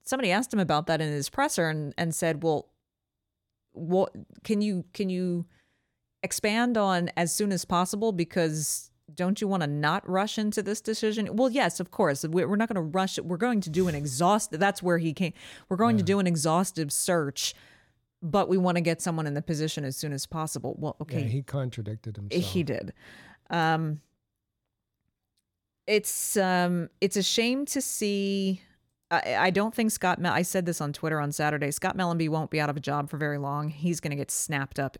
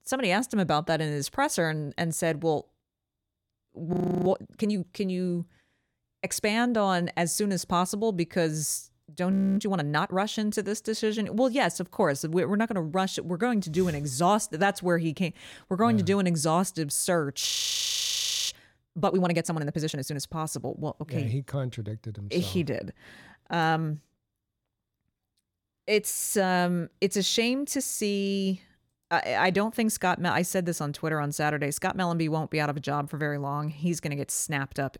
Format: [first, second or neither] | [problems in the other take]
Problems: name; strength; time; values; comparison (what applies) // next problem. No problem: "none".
first | audio freezing; at 4 s, at 9.5 s and at 17 s for 1 s